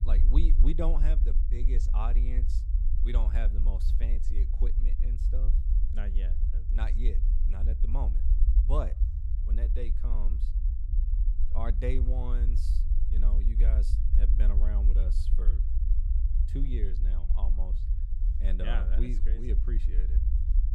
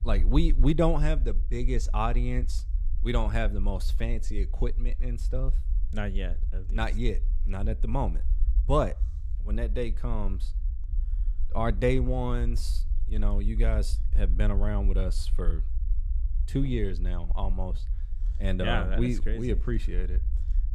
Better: second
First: low rumble; loud; throughout; 7 dB below the speech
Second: low rumble; faint; throughout; 20 dB below the speech

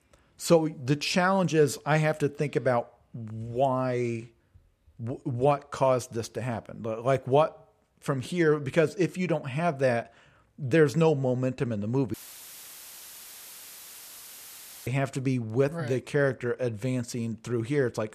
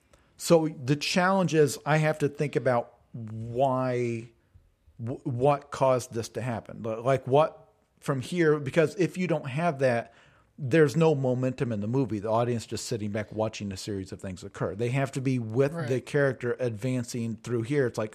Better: second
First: audio cutting out; filled with static; at 12 s for 2.5 s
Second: none

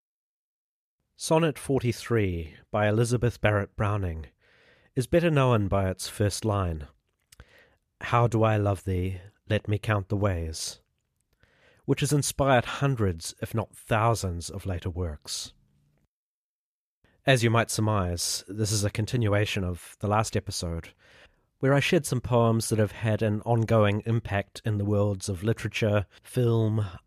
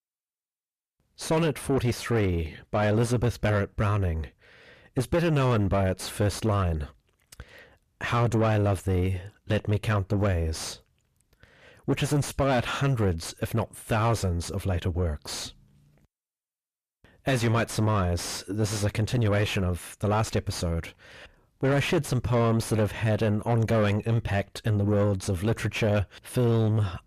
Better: first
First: none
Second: distortion; heavy; 6 dB below the speech

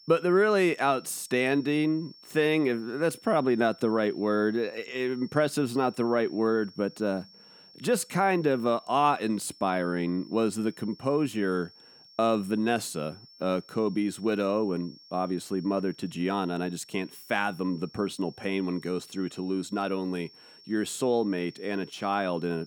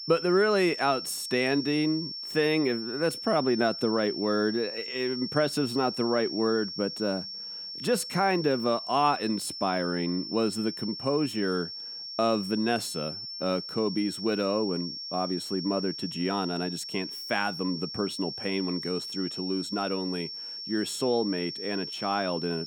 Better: first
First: high-pitched whine; faint; throughout; 5.5 kHz, 25 dB below the speech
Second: high-pitched whine; loud; throughout; 5.5 kHz, 7 dB below the speech

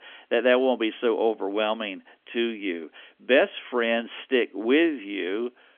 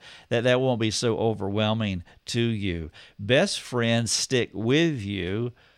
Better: second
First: phone-call audio; nothing above 3.5 kHz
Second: none

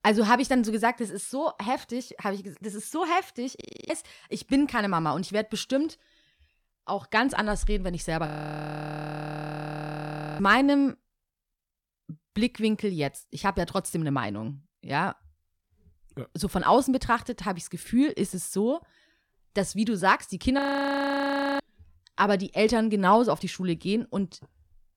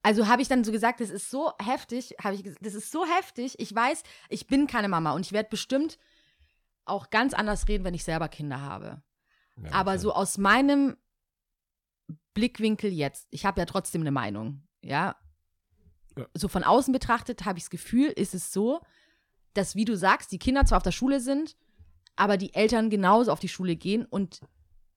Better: second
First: audio freezing; at 3.5 s, at 8.5 s for 2 s and at 21 s for 1 s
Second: none

